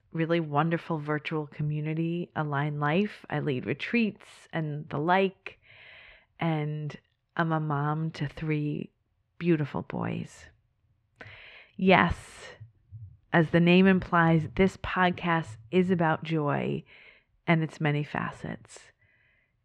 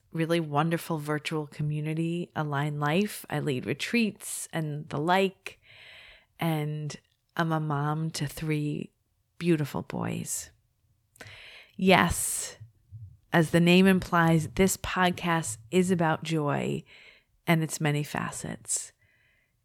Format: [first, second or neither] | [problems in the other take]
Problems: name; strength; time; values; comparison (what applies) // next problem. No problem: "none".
second | muffled; very; fading above 2.5 kHz